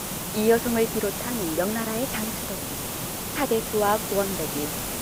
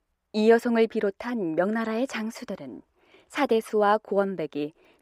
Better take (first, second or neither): second